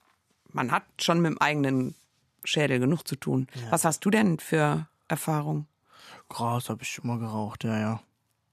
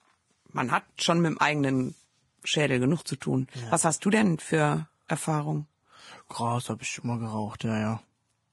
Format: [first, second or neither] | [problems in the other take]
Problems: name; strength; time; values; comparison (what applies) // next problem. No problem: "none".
first | garbled, watery; badly; nothing above 10.5 kHz